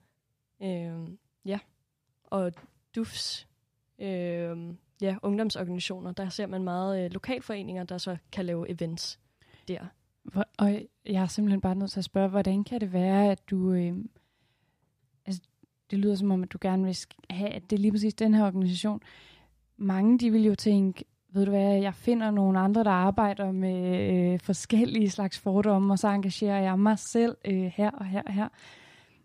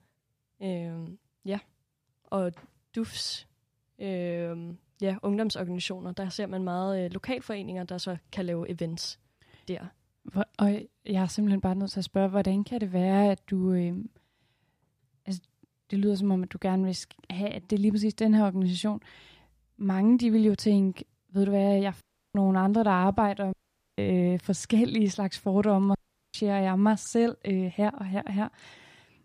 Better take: first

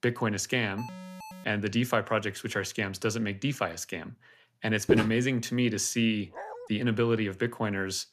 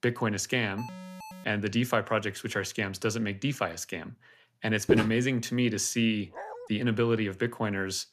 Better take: neither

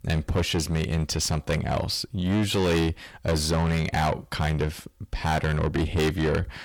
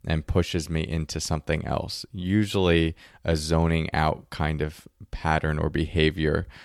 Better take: second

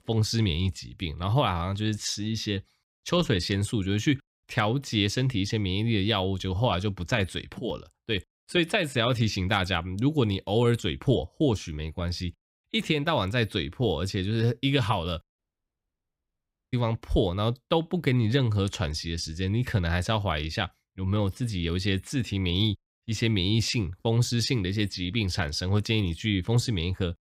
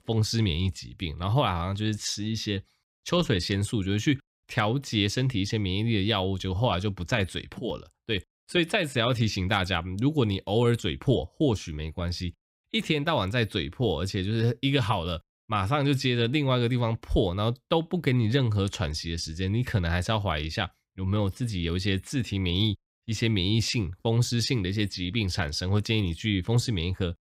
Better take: second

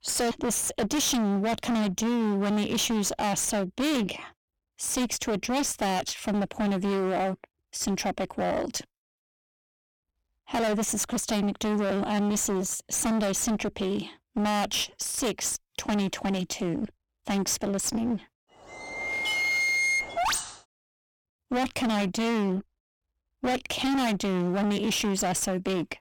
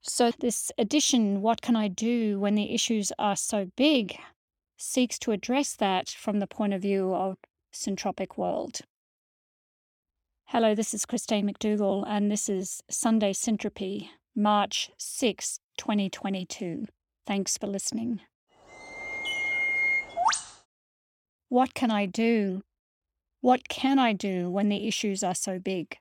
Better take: second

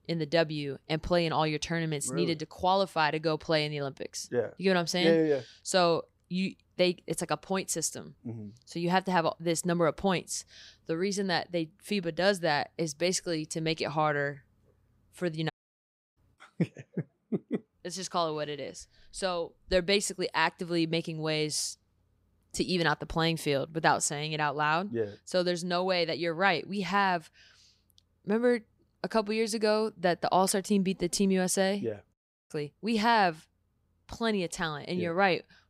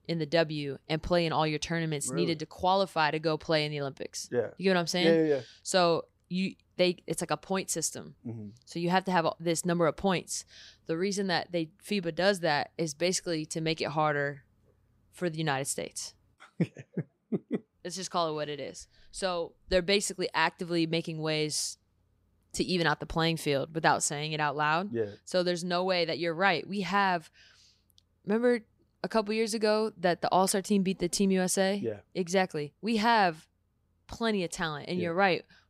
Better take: second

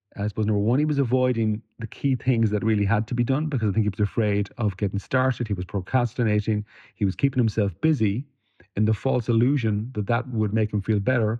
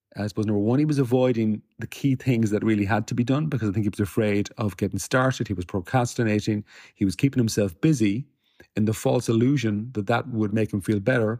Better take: second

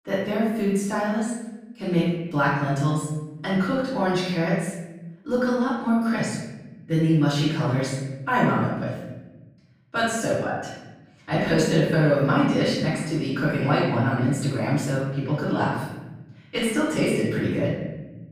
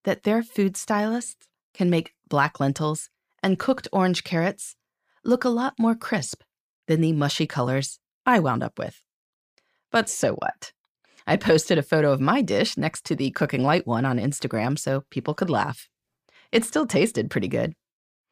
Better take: second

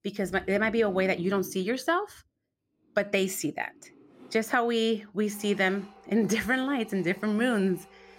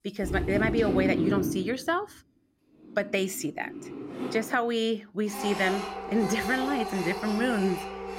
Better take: first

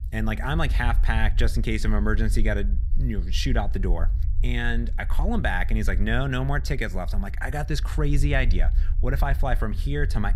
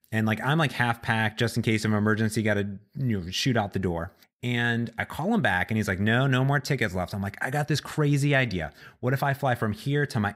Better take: second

